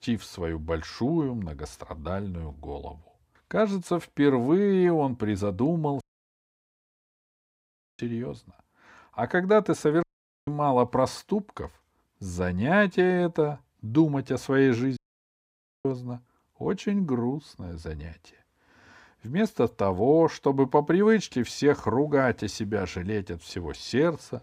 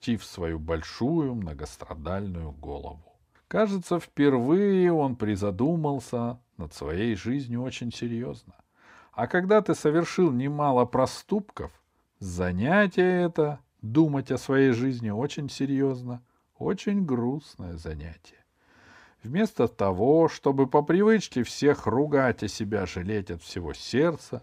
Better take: second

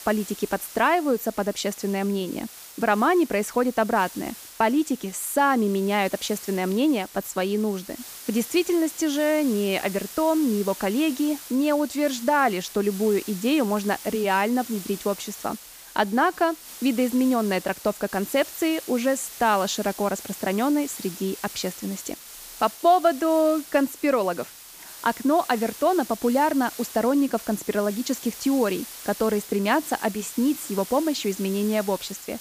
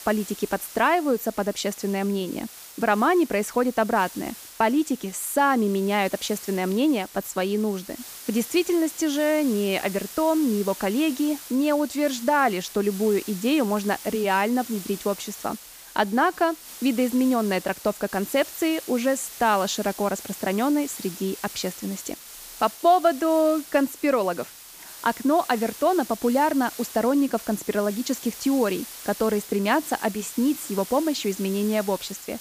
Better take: neither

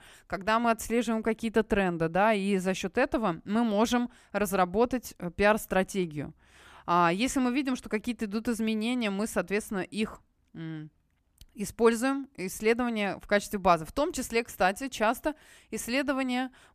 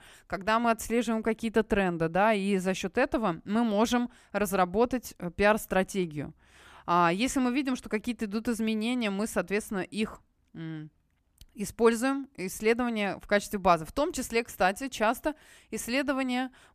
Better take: neither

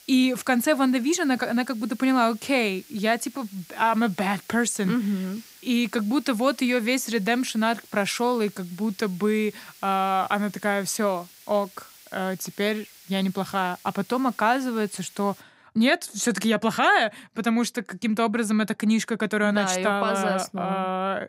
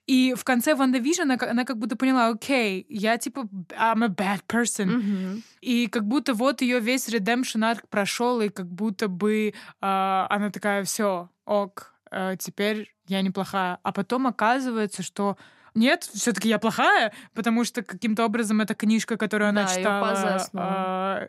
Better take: second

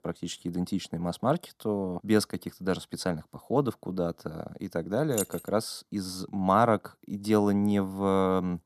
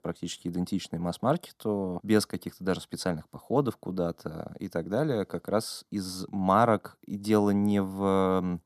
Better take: second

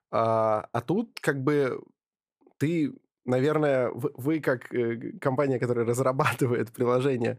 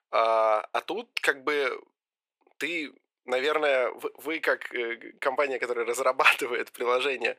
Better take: first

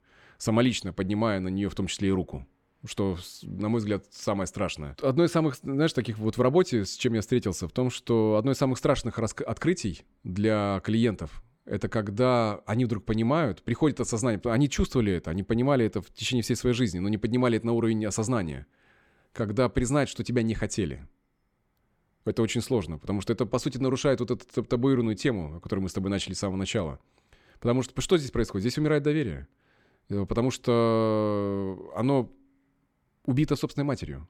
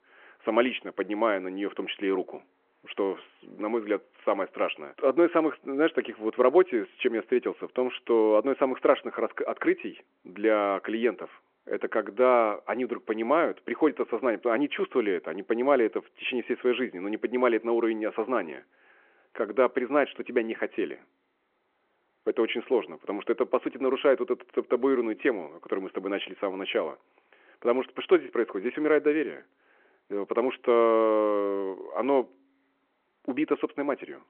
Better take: first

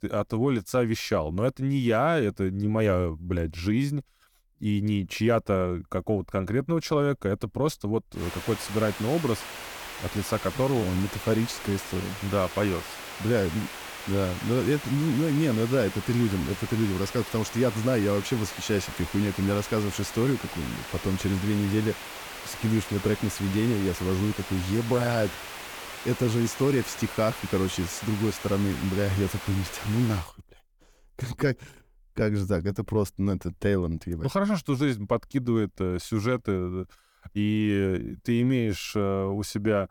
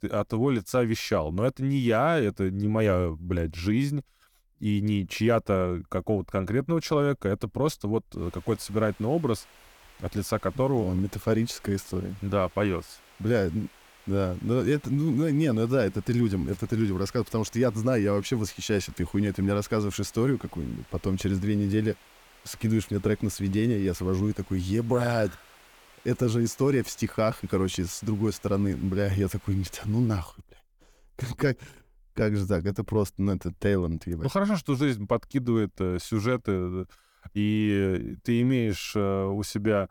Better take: second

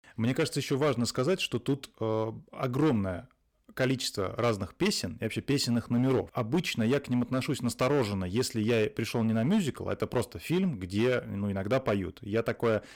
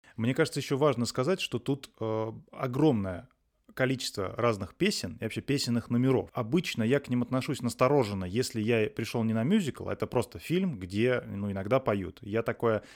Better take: second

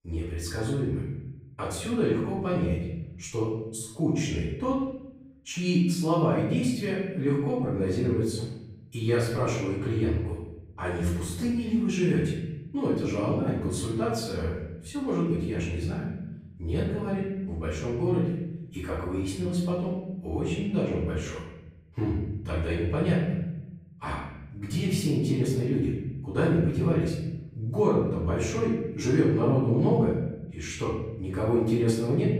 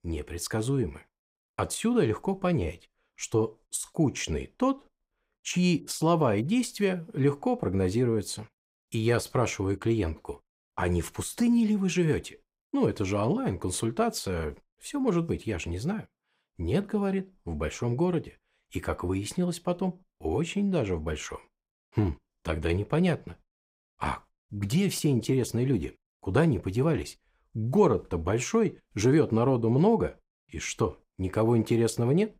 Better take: second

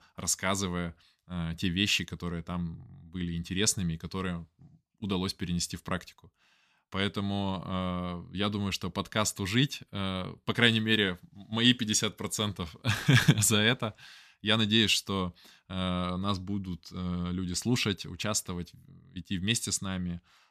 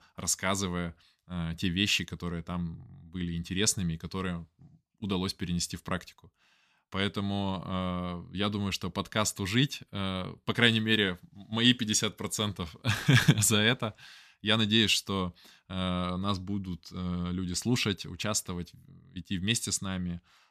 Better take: neither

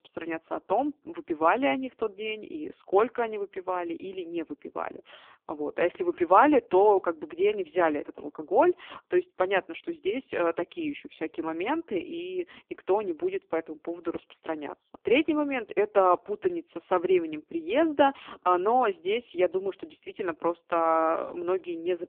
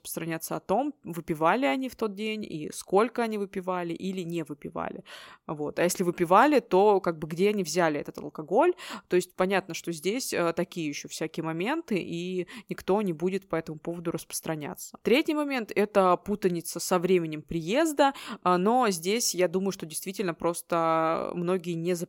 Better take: second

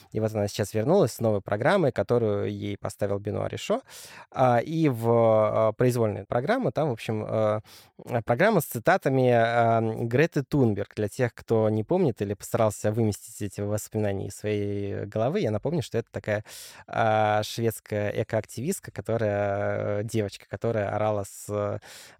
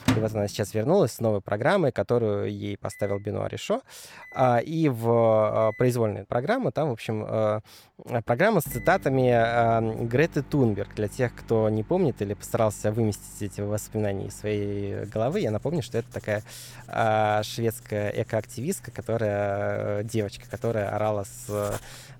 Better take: first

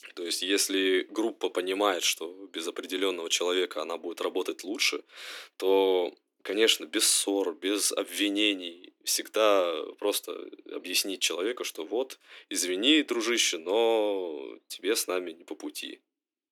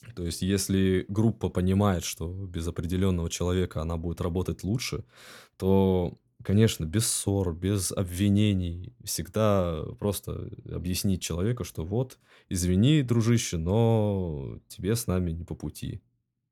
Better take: second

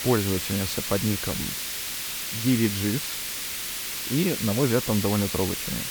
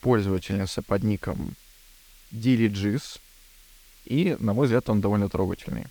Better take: second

